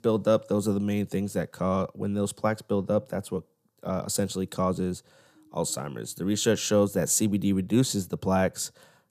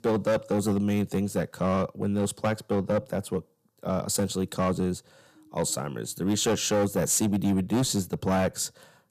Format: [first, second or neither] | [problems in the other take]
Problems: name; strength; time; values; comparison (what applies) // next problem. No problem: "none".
first | distortion; slight; 8% of the sound clipped